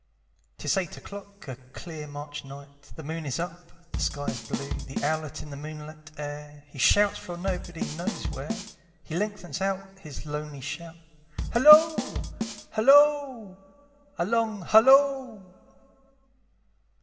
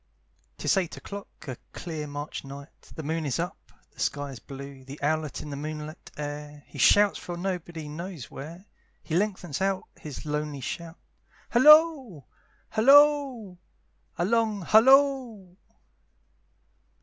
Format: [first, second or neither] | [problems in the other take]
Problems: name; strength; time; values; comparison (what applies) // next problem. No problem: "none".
second | background sound (Bass drum / Snare drum / Drum kit); 5 dB below the speech // room echo; dies away in 1.6 s